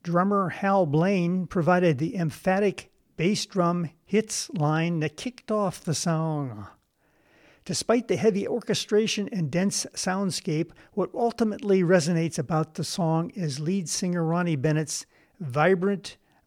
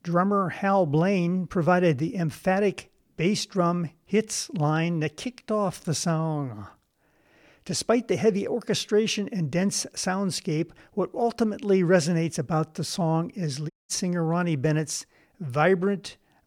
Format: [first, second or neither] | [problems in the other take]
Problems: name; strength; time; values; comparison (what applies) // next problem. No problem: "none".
first | audio cutting out; at 14 s